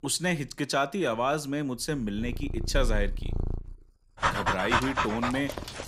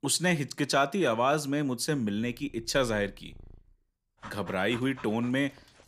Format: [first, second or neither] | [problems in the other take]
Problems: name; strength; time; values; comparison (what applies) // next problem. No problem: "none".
second | animal sounds; loud; throughout; 1 dB below the speech; faint in the second